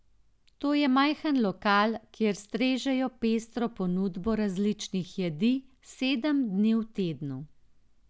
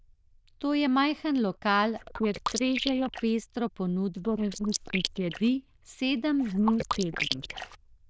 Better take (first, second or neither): first